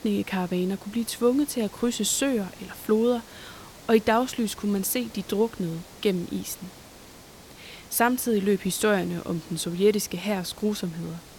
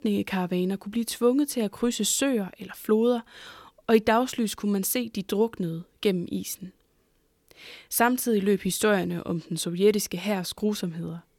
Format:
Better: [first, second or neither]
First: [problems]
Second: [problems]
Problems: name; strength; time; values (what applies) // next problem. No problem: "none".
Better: second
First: hiss; noticeable; throughout; 20 dB below the speech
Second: none